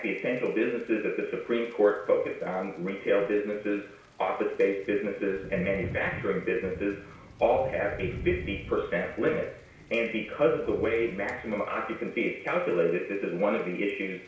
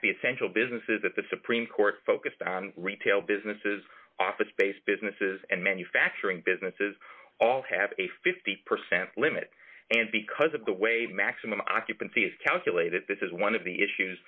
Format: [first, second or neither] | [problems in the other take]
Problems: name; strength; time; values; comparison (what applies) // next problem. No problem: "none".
second | background sound (Thunder / Rain); 16 dB below the speech // room echo; dies away in 0.6 s